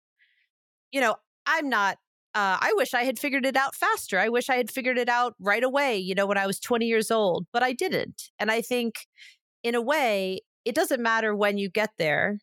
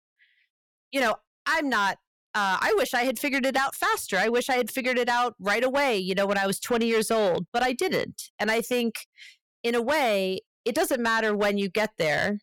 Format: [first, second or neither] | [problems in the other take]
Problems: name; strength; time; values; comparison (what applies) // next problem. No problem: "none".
first | distortion; slight; 8% of the sound clipped